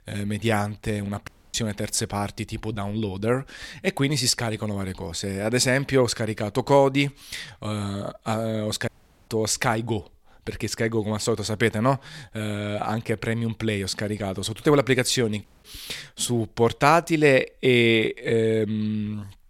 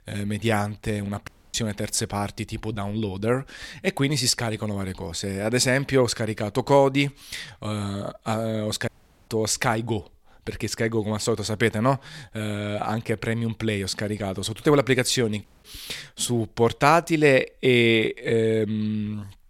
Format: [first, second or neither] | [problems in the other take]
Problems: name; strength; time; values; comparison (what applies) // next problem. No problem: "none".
neither | audio cutting out; at 1.5 s, at 9 s and at 15 s; the same in both